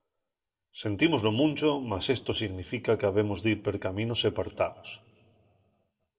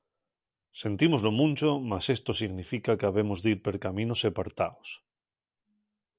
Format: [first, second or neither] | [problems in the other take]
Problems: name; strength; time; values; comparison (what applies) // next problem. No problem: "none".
second | room echo; dies away in 1.2 s